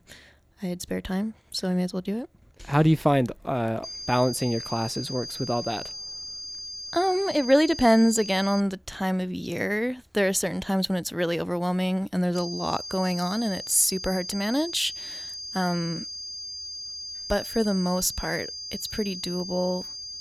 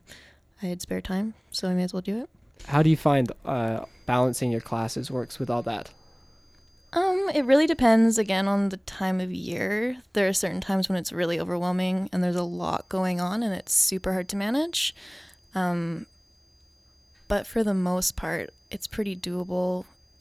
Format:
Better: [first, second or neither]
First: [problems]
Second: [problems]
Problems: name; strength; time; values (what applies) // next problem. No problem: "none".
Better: second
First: high-pitched whine; loud; from 4 to 8.5 s and from 12 s on; 5 kHz, 8 dB below the speech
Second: high-pitched whine; faint; from 4 to 8.5 s and from 12 s on; 5 kHz, 35 dB below the speech